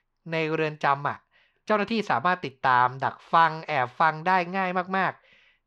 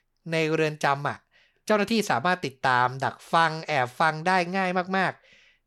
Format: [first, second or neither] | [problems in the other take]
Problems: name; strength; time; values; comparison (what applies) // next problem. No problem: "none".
second | muffled; slightly; fading above 3 kHz